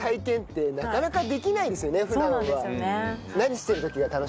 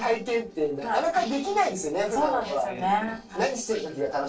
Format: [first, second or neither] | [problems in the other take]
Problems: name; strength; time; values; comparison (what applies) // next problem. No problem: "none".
first | noise reduction (neural separator model SepFormer DNS4)